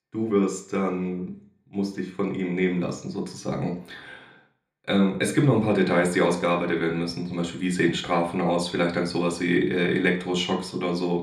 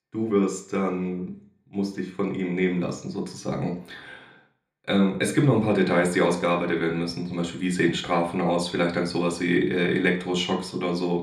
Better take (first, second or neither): neither